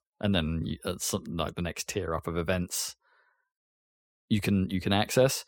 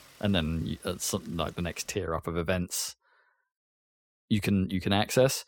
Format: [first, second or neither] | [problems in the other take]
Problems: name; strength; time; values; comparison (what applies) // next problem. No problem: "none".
first | traffic noise; faint; until 2.5 s; 25 dB below the speech